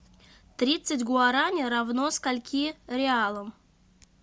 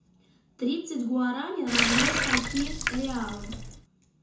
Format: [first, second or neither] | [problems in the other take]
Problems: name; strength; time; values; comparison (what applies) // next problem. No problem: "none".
first | background sound (Water tap, faucet); 3 dB above the speech // room echo; dies away in 0.6 s